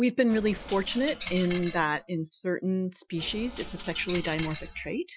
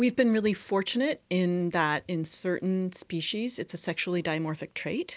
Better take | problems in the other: second | noise reduction (classical method Wiener filter)

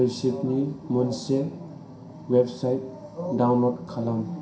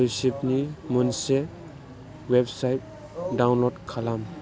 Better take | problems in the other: second | room echo; dies away in 0.5 s

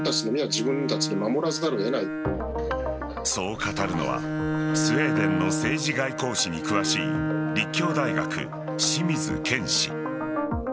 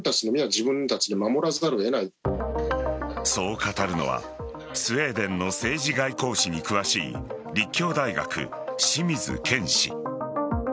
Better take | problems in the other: second | background sound (Bowed string instrument); 2 dB below the speech

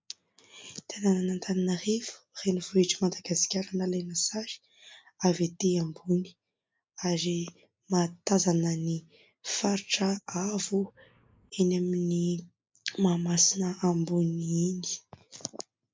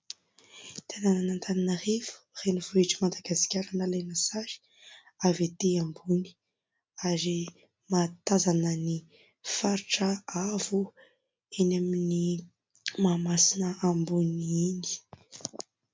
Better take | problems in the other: second | noise reduction (neural mask model Resemble Enhance denoiser)

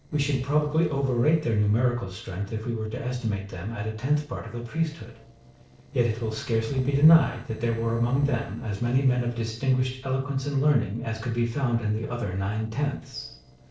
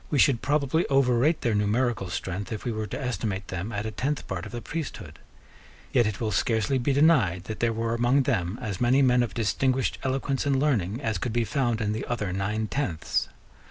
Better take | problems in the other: second | noise reduction (neural separator model SepFormer DNS4)

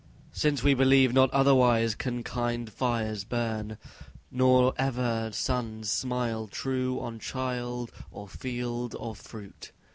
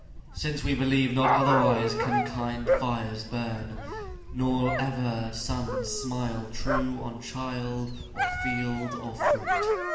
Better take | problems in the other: first | background sound (Dog); 1 dB below the speech // room echo; dies away in 1 s

